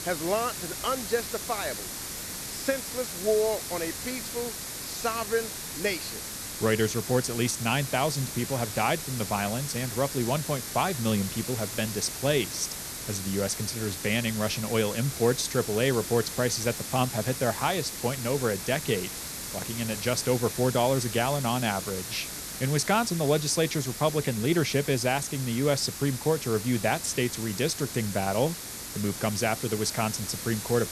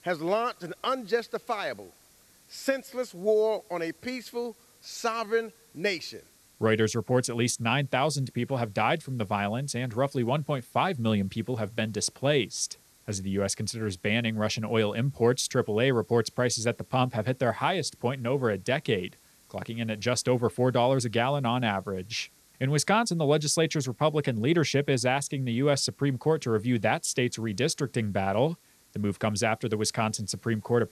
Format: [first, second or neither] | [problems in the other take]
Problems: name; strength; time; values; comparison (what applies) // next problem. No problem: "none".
second | hiss; loud; throughout; 6 dB below the speech; faint in the second